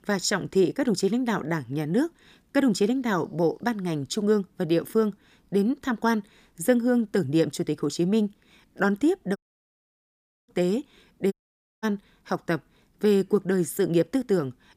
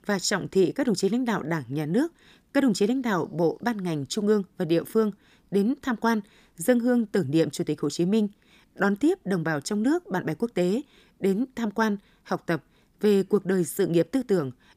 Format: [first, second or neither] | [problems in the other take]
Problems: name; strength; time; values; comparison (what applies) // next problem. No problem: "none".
second | audio cutting out; at 9.5 s for 1 s and at 11 s for 0.5 s